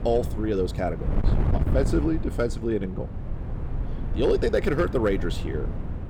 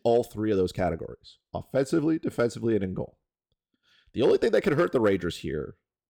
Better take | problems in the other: second | wind noise on the microphone; occasional gusts; 10 dB below the speech

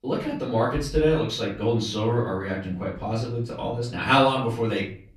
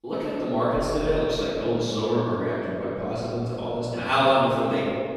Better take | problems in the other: first | room echo; strong; dies away in 2.6 s; slight in the first // off-mic speech; far; far in the first

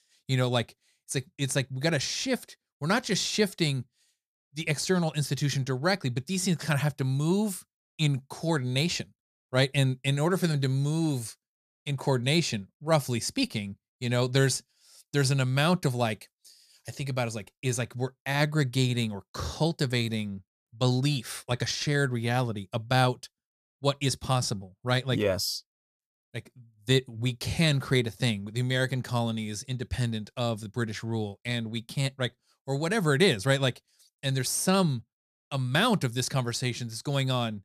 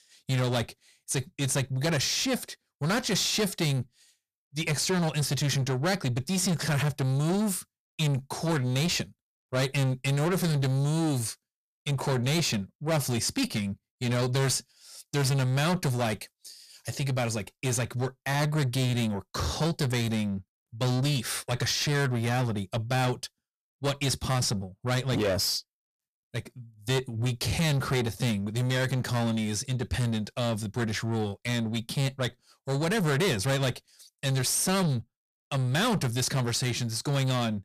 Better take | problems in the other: first | distortion; heavy; 7 dB below the speech

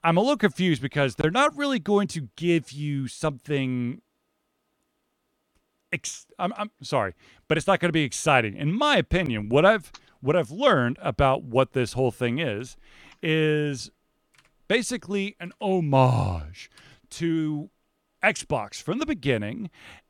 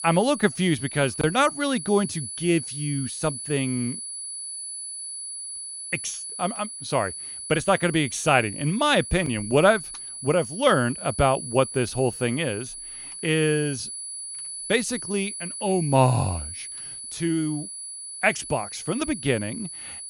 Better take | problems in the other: first | high-pitched whine; loud; throughout; 10 kHz, 9 dB below the speech

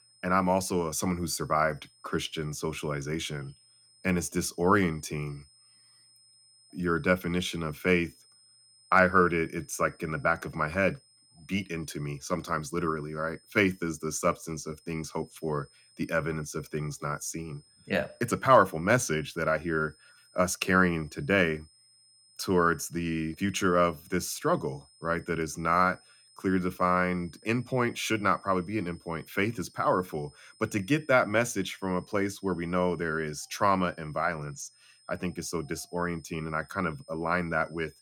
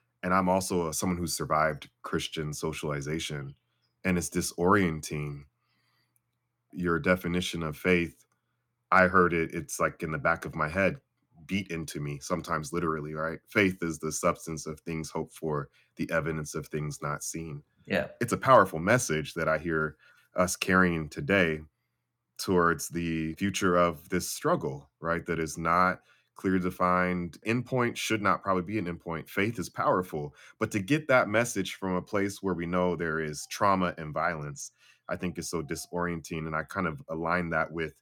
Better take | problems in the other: second | high-pitched whine; faint; throughout; 5 kHz, 30 dB below the speech

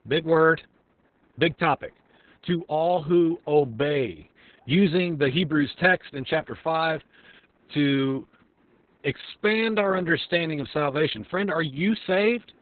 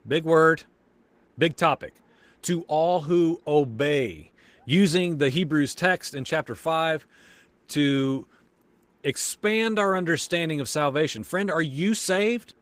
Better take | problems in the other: second | garbled, watery; badly; nothing above 4 kHz; slightly in the second

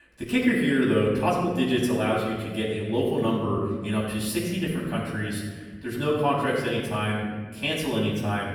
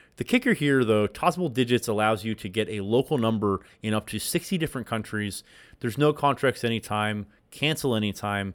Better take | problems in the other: second | off-mic speech; far // room echo; noticeable; dies away in 1.4 s

